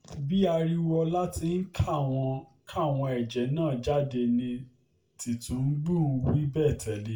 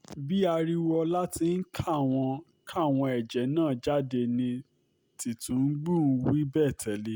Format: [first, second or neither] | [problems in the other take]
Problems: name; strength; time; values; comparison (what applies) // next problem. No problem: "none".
second | room echo; dies away in 0.3 s